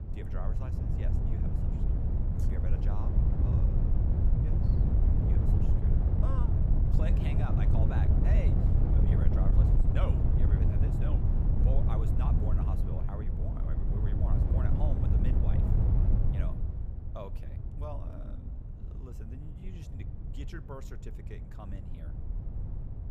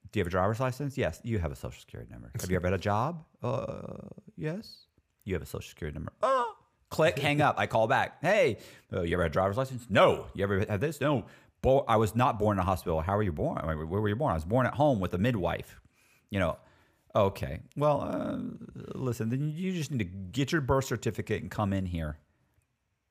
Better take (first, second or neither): second